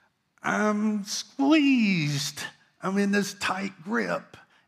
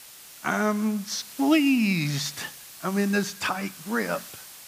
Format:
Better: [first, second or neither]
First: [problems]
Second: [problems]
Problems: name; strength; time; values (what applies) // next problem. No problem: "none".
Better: first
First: none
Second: hiss; noticeable; throughout; 15 dB below the speech